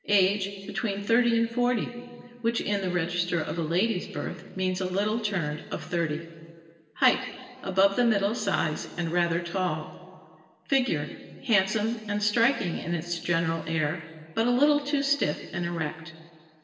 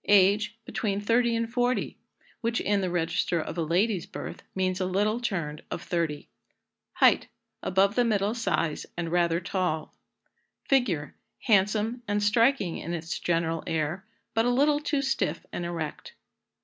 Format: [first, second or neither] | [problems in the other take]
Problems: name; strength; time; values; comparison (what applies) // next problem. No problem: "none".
second | room echo; dies away in 1.8 s